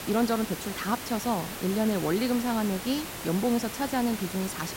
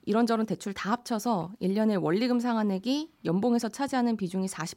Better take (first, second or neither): second